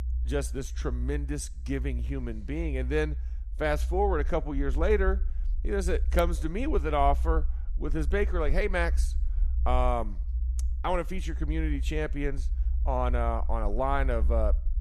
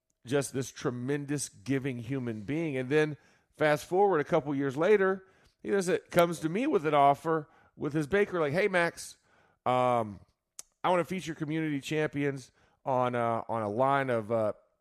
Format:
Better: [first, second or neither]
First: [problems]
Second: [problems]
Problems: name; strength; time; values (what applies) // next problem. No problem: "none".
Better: second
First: low rumble; faint; throughout; 20 dB below the speech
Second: none